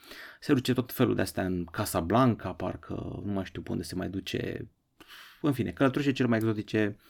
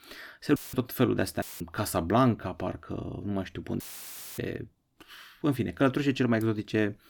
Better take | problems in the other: first | audio cutting out; filled with static; at 0.5 s, at 1.5 s and at 4 s for 0.5 s

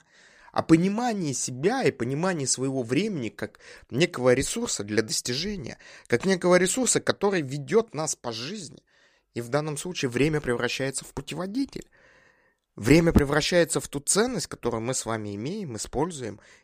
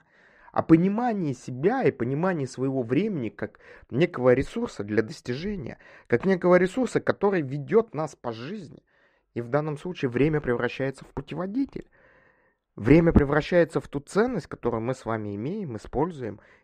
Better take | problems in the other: first | muffled; very; fading above 3.5 kHz

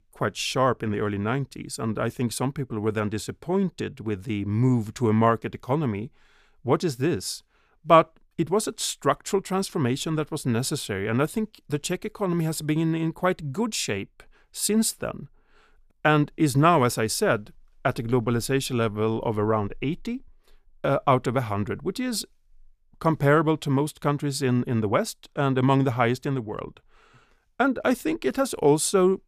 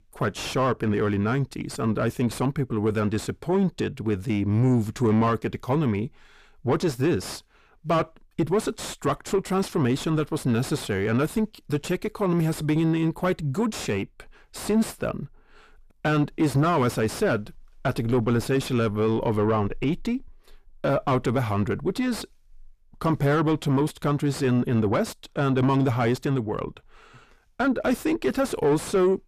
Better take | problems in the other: first | distortion; heavy; 7 dB below the speech

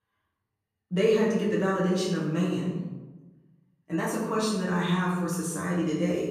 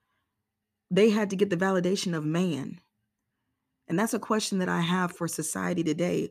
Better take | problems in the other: second | room echo; noticeable; dies away in 1.1 s // off-mic speech; far

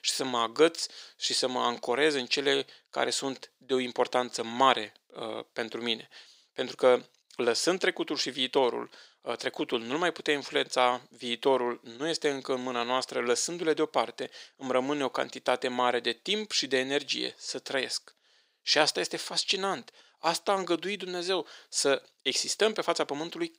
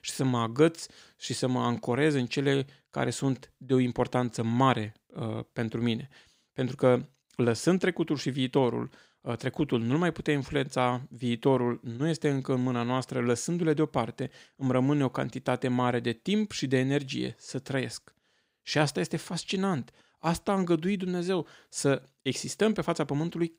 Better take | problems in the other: second | thin; somewhat; fading below 500 Hz

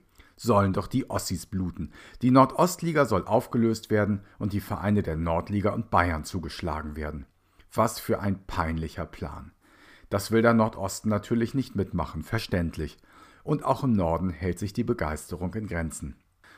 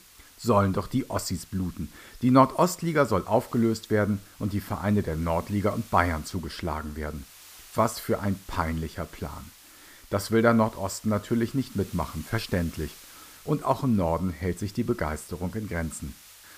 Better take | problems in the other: first | hiss; faint; throughout; 20 dB below the speech

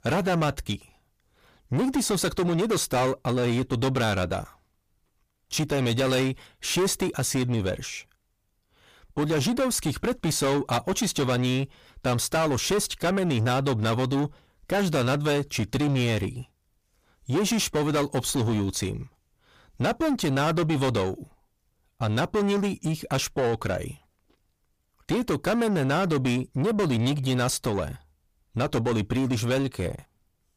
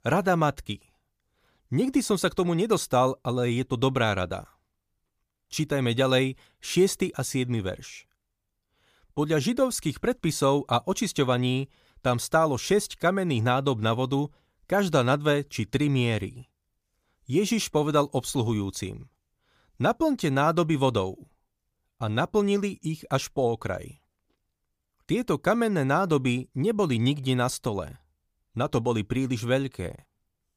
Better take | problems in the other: second | distortion; heavy; 7 dB below the speech

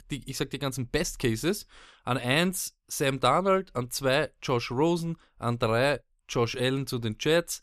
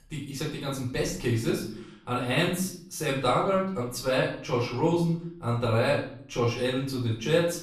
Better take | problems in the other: first | off-mic speech; far // room echo; noticeable; dies away in 0.5 s

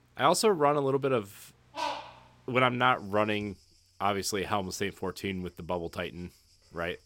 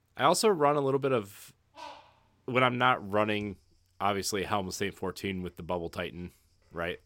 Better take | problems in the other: second | animal sounds; loud; throughout; 9 dB below the speech; faint in the second

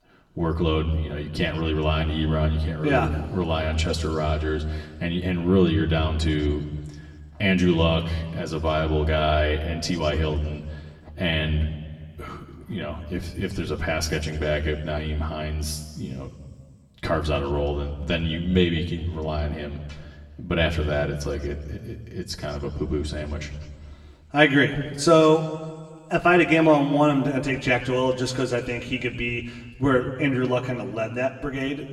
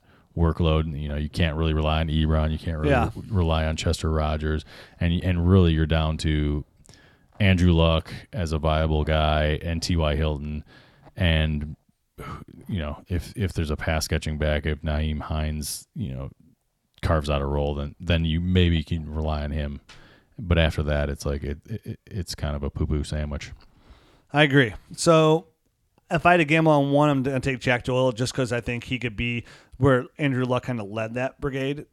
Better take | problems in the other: second | room echo; slight; dies away in 1.5 s // off-mic speech; somewhat distant

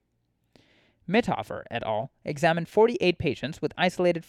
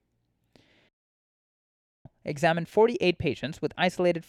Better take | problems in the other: first | audio cutting out; at 1 s for 1 s

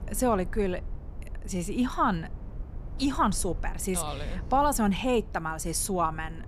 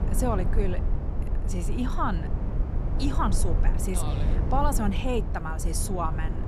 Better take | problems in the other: first | low rumble; loud; throughout; 9 dB below the speech; faint in the first

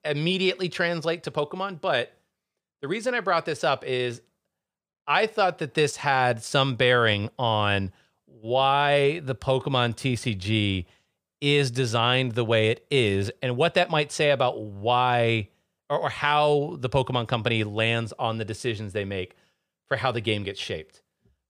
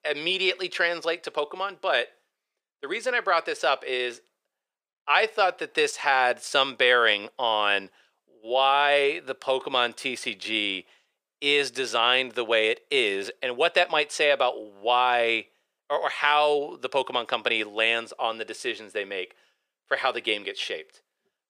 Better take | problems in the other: first | thin; very; fading below 350 Hz

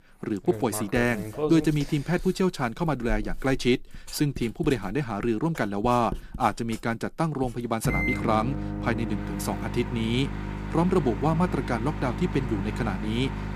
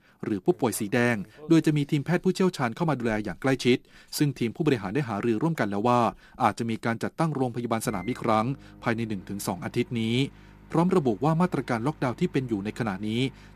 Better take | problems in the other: second | household noises; loud; throughout; 7 dB below the speech; faint in the second

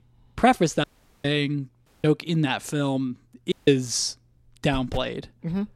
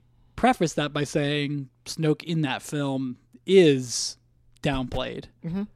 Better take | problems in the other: second | audio cutting out; at 1 s, at 2 s and at 3.5 s

